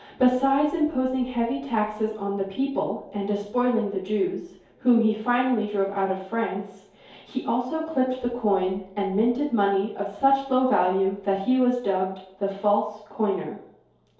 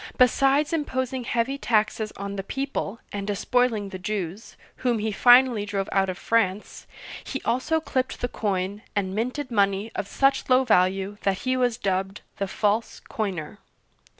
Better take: second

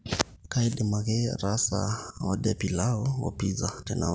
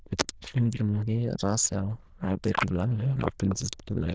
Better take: first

